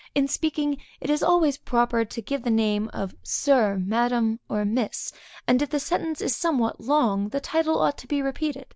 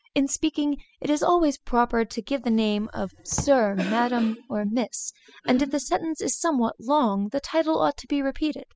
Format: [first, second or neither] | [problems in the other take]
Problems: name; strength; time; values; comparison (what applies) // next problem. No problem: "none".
first | noise reduction (classical method spectral subtraction)